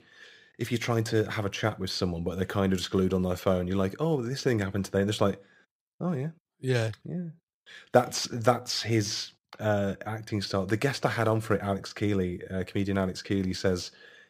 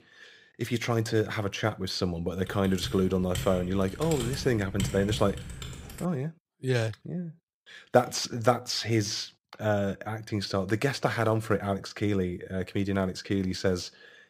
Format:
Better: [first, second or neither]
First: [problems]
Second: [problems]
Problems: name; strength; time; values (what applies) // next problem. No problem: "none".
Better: first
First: none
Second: keyboard typing; noticeable; from 2.5 to 6 s; peak 5 dB below the speech